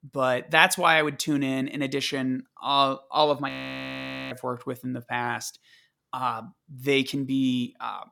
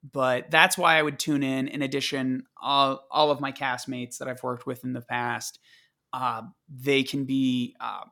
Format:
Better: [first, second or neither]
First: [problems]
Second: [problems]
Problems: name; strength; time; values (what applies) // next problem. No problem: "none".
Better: second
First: audio freezing; at 3.5 s for 1 s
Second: none